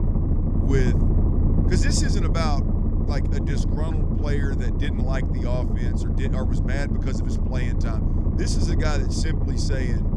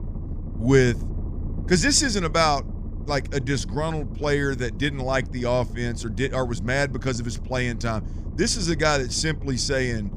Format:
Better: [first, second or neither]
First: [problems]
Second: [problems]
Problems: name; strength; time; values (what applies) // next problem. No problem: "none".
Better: second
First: low rumble; loud; throughout; 2 dB below the speech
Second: low rumble; faint; throughout; 20 dB below the speech